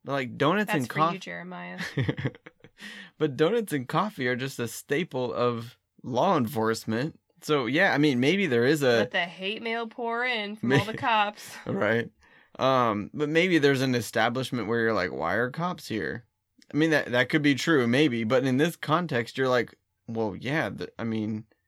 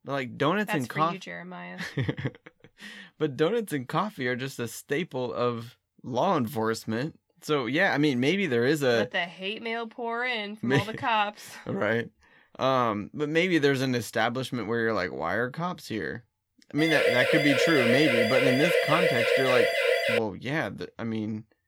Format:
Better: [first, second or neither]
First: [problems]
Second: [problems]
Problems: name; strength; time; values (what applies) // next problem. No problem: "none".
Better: first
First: none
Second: siren; loud; from 17 to 20 s; peak 4 dB above the speech